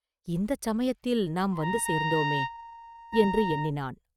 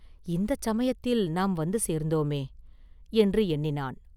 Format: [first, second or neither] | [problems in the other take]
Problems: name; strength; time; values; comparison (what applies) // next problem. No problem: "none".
second | noise reduction (neural mask model RNNoise)